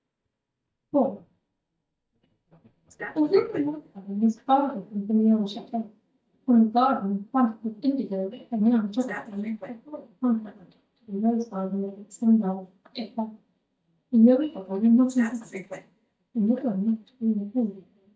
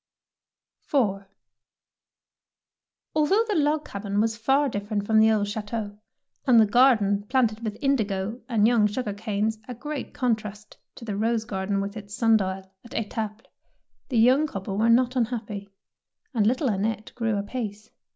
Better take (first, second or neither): second